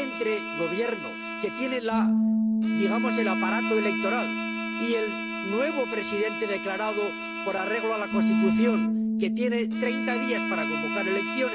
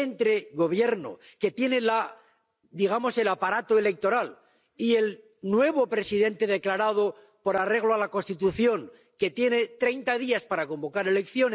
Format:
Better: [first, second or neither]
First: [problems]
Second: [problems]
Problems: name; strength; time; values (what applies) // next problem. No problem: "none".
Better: second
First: background sound (Bass guitar + Bowed string instrument); 3 dB above the speech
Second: none